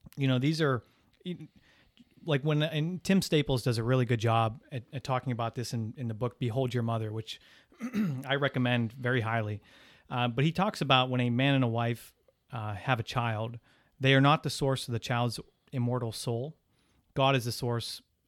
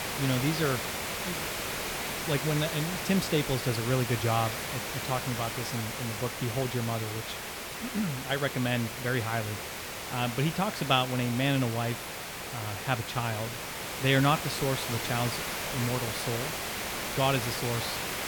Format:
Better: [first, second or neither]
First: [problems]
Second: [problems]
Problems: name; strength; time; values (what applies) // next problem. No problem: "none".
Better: first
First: none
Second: hiss; loud; throughout; 3 dB below the speech